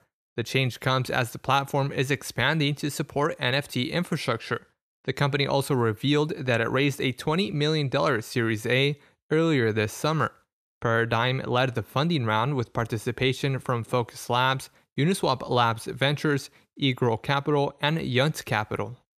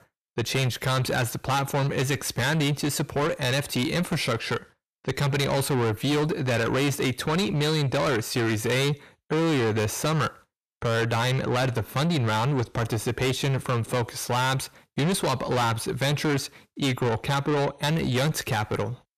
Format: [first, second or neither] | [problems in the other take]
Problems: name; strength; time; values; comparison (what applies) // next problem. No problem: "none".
first | distortion; heavy; 6 dB below the speech